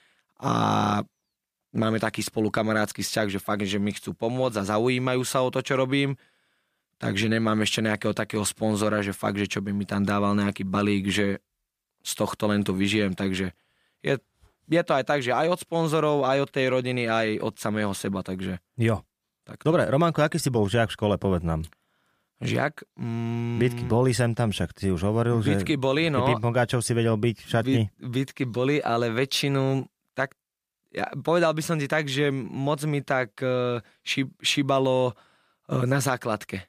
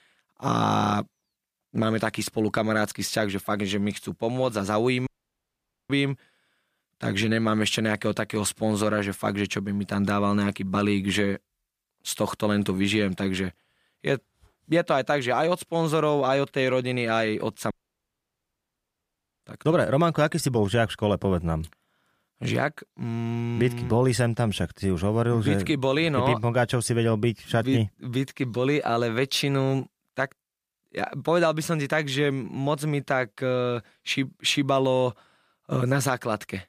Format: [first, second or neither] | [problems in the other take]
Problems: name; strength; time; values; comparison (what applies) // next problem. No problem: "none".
first | audio cutting out; at 5 s for 1 s and at 18 s for 1.5 s